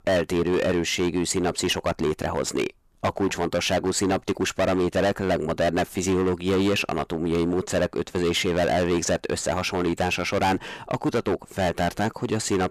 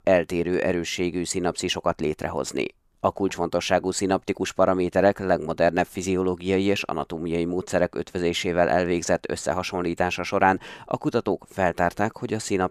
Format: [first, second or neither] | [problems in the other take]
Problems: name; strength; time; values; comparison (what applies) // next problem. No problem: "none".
second | distortion; heavy; 16% of the sound clipped